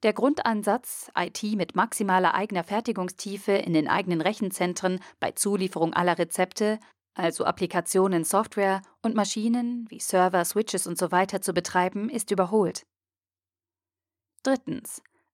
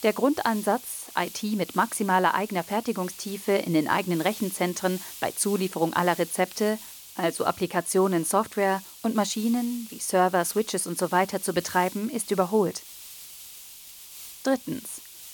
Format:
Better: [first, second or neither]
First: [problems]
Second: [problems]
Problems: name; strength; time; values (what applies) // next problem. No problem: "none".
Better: first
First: none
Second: hiss; noticeable; throughout; 15 dB below the speech